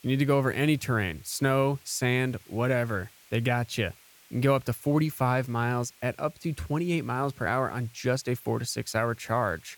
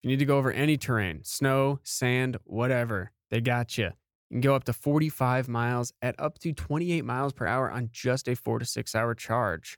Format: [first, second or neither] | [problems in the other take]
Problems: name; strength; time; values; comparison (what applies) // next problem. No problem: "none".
second | hiss; faint; throughout; 25 dB below the speech